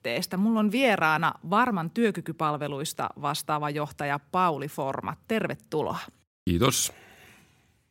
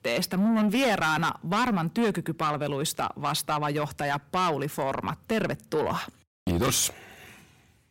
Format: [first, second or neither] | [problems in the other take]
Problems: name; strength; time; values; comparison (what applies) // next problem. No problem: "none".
first | distortion; heavy; 7 dB below the speech